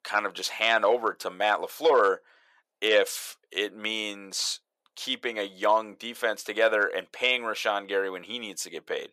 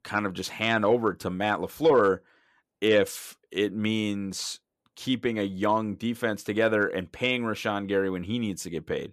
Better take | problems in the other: second | thin; very; fading below 600 Hz

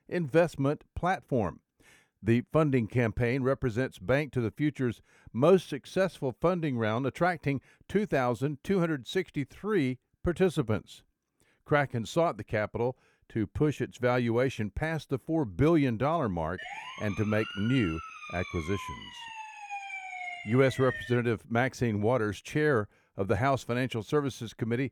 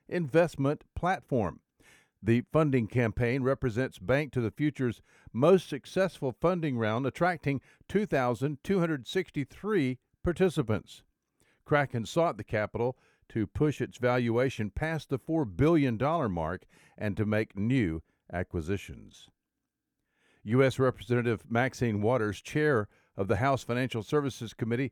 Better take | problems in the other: second | siren; noticeable; from 17 to 21 s; peak 8 dB below the speech

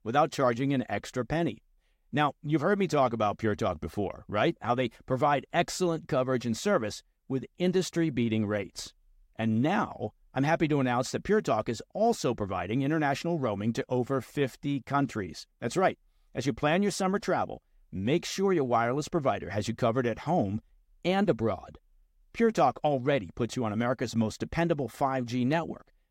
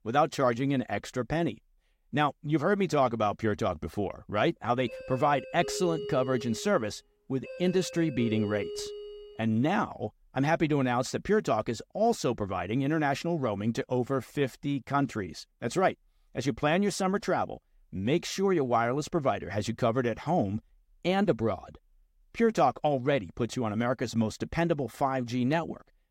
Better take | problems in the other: first | doorbell; noticeable; from 5 to 9.5 s; peak 7 dB below the speech

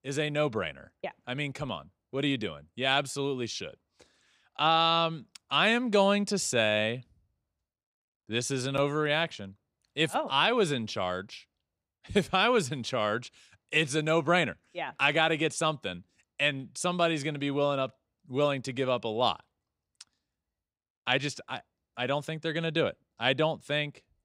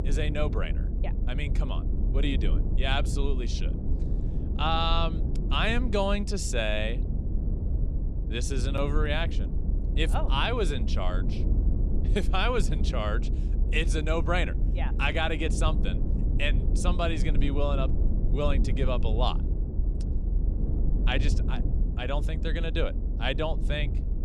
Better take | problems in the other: first | low rumble; noticeable; throughout; 10 dB below the speech

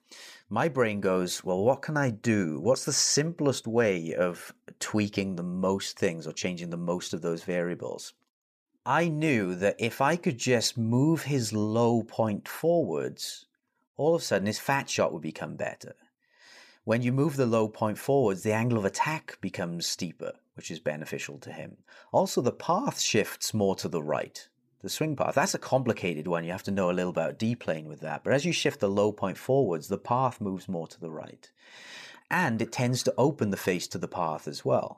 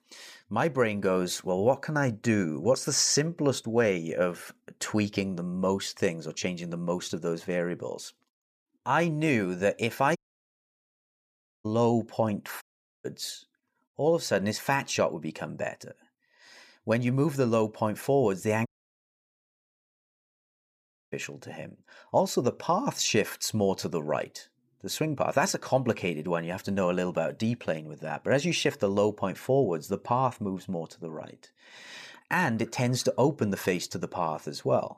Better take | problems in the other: first | audio cutting out; at 10 s for 1.5 s, at 13 s and at 19 s for 2.5 s

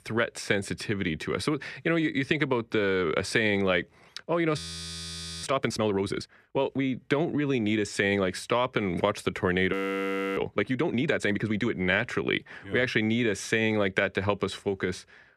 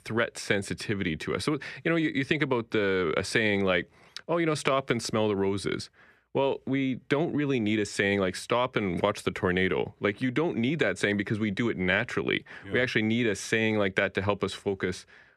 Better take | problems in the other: second | audio freezing; at 4.5 s for 1 s and at 9.5 s for 0.5 s

